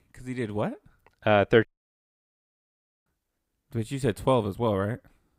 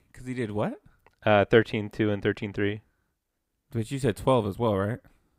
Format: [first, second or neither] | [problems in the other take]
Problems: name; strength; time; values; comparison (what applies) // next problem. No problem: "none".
second | audio cutting out; at 1.5 s for 1.5 s